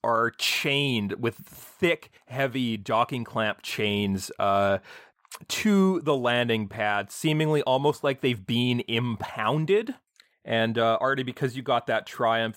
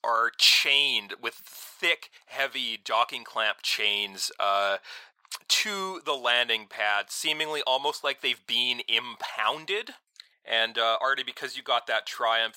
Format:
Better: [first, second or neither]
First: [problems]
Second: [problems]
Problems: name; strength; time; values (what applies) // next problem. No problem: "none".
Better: first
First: none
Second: thin; very; fading below 800 Hz